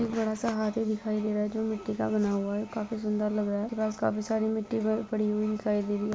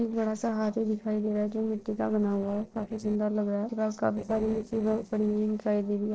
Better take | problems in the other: first | noise reduction (neural separator model SepFormer DNS4)

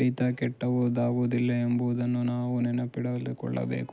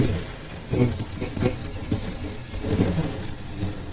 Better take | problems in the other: first | noise reduction (neural mask model DeepFilterNet 3)

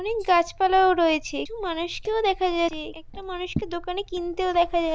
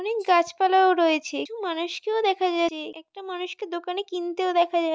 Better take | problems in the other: second | background sound (Liquid); 13 dB below the speech

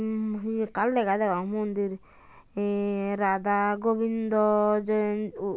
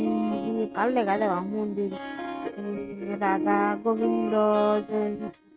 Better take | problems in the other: first | noise reduction (neural mask model RNNoise)

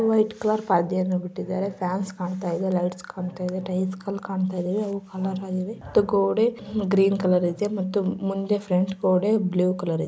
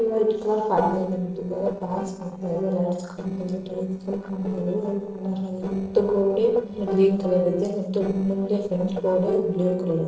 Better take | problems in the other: first | noise reduction (neural separator model SepFormer DNS4)

